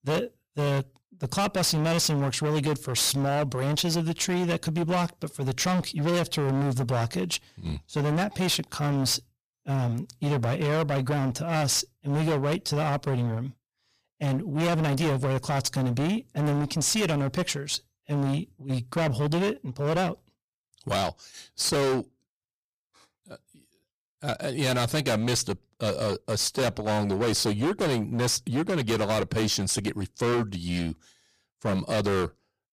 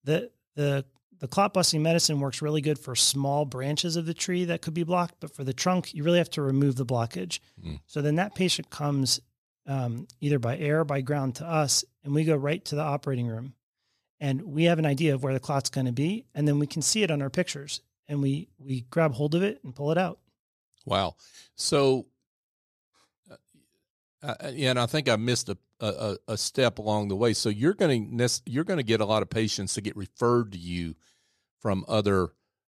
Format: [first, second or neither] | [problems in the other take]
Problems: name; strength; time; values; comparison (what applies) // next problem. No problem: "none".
second | distortion; heavy; 21% of the sound clipped